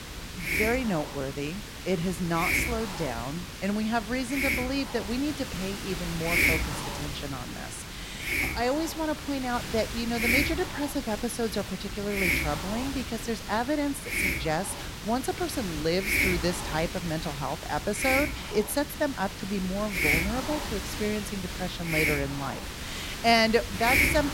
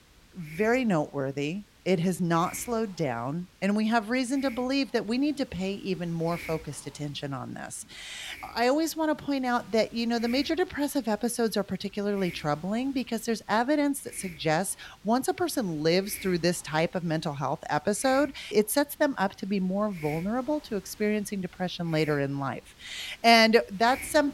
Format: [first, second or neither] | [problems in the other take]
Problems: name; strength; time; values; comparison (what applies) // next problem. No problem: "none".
second | hiss; loud; throughout; as loud as the speech; faint in the second